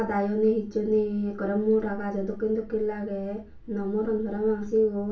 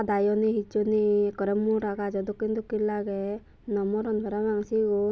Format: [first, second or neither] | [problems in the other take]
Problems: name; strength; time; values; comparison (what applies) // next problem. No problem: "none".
second | room echo; dies away in 0.3 s